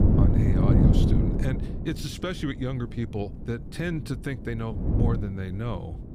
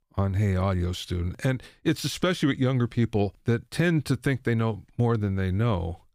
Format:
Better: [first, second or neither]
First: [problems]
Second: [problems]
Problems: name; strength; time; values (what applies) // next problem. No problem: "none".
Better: second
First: wind noise on the microphone; heavy; 3 dB above the speech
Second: none